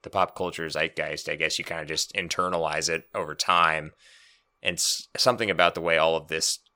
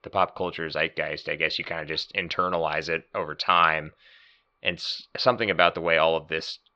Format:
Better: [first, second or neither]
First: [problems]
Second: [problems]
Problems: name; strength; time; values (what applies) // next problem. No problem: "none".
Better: first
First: none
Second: muffled; very slightly; fading above 4 kHz